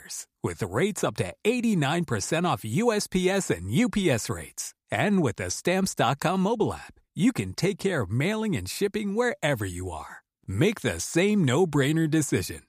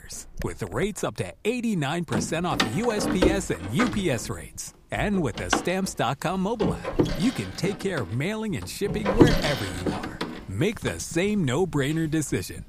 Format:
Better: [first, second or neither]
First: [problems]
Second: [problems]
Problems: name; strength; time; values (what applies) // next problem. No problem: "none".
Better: first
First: none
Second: household noises; loud; throughout; as loud as the speech